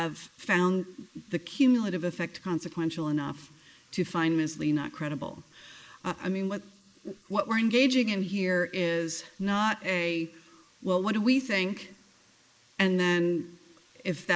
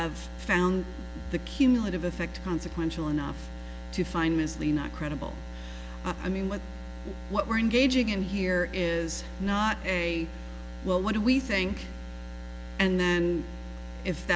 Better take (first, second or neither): second